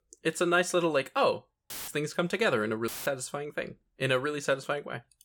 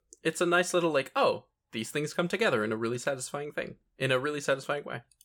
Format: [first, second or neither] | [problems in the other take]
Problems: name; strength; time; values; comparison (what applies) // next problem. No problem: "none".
second | audio cutting out; filled with static; at 1.5 s and at 3 s